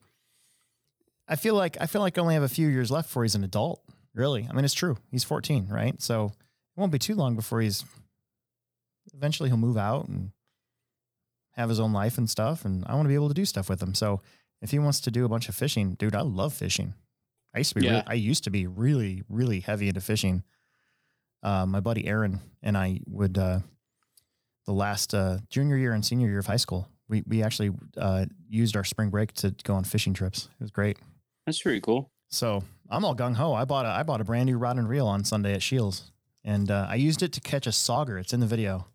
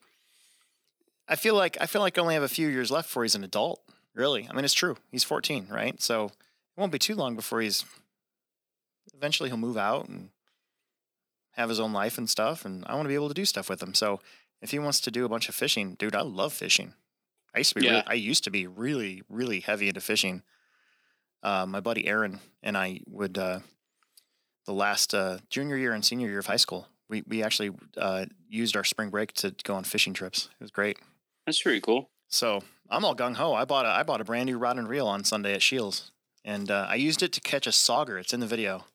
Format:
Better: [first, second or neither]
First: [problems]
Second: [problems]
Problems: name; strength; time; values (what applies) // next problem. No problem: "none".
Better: first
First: none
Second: thin; somewhat; fading below 250 Hz